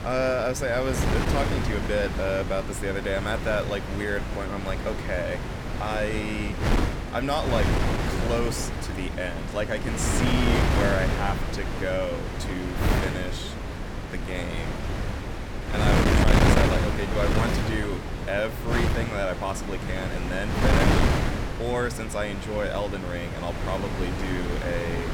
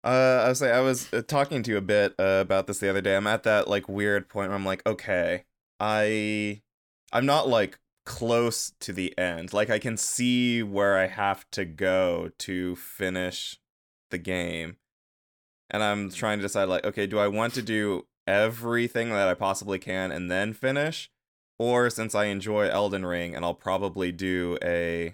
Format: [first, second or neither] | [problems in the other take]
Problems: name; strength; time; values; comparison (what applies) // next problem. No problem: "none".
second | wind noise on the microphone; heavy; 1 dB below the speech